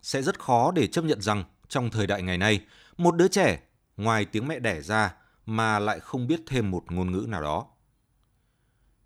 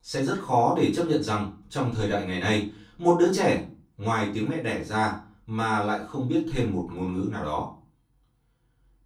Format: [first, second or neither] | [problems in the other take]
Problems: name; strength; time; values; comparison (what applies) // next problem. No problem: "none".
first | room echo; slight; dies away in 0.3 s // off-mic speech; far